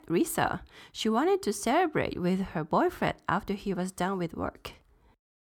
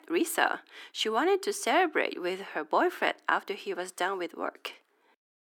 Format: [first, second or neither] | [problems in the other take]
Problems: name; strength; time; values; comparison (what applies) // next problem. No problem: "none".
first | thin; somewhat; fading below 300 Hz